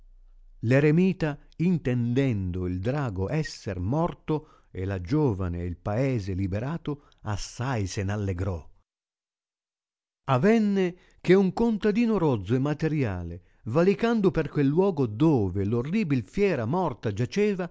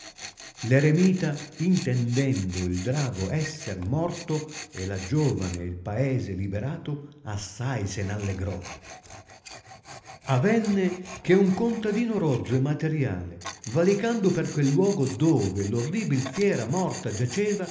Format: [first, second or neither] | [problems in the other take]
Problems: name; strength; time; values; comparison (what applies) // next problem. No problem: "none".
first | background sound (Tools); 17 dB below the speech // room echo; dies away in 0.8 s